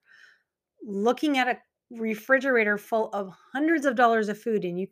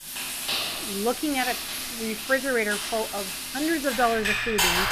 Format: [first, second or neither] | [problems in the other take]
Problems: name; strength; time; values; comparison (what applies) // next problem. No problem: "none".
first | household noises; loud; throughout; as loud as the speech